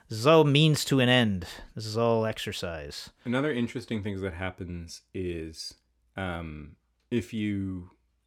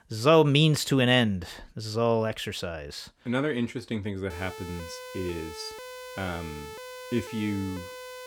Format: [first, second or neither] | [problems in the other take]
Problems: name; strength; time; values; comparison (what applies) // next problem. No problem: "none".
first | siren; faint; from 4.5 s on; peak 15 dB below the speech